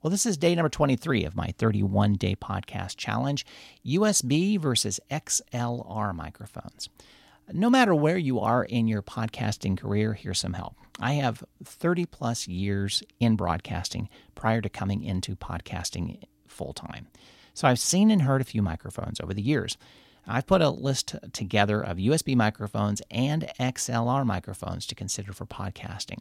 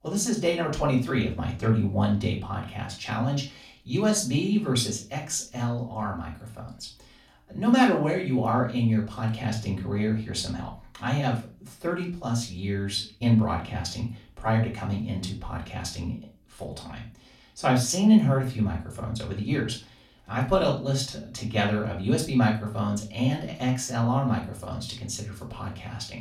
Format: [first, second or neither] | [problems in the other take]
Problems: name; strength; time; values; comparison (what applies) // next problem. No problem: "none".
first | off-mic speech; far // room echo; slight; dies away in 0.3 s